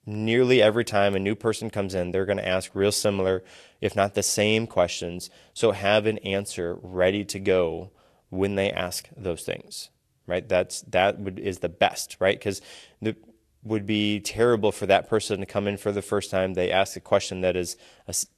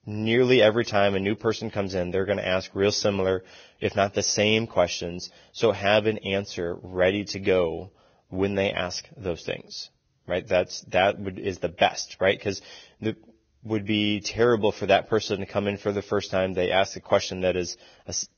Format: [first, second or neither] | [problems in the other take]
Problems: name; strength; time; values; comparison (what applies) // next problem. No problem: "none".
first | garbled, watery; badly; nothing above 6.5 kHz; slightly in the first